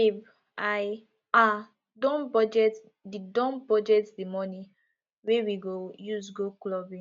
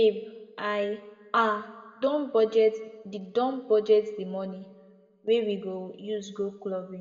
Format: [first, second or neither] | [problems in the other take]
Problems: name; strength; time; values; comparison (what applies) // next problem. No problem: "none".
first | room echo; dies away in 0.9 s